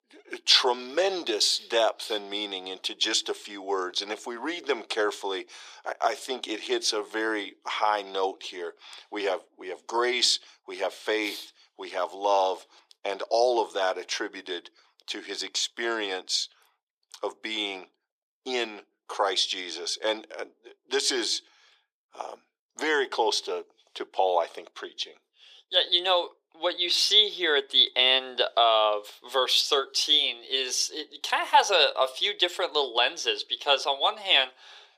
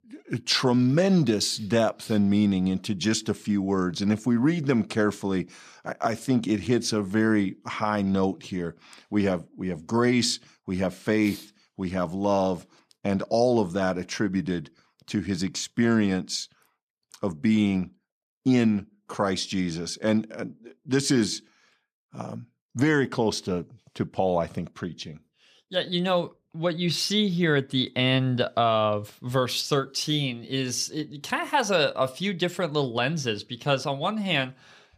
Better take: second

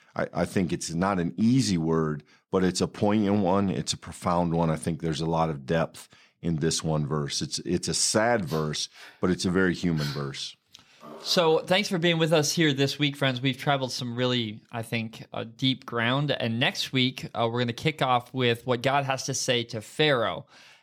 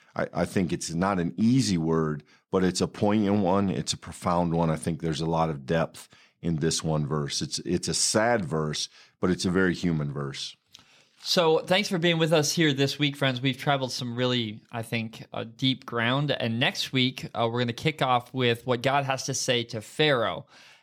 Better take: second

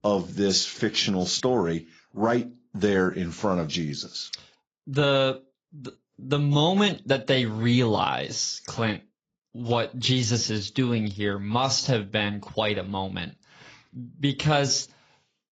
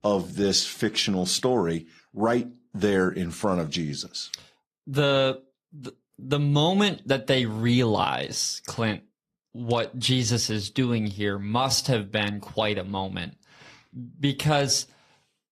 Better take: second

